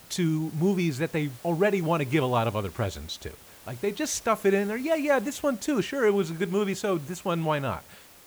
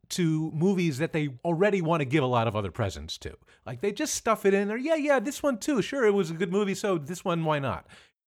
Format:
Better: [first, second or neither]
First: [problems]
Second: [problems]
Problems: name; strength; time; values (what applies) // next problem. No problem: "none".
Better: second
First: hiss; faint; throughout; 20 dB below the speech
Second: none